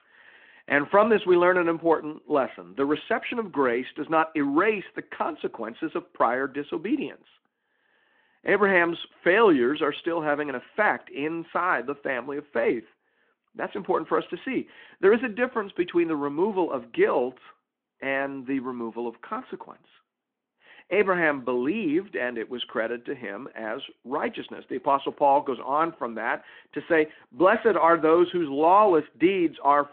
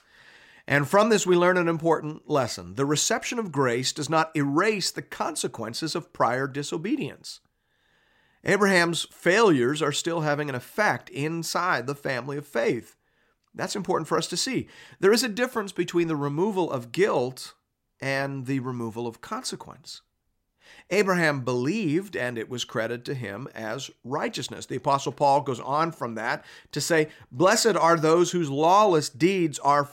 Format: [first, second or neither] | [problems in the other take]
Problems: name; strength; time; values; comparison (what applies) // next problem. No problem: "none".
second | phone-call audio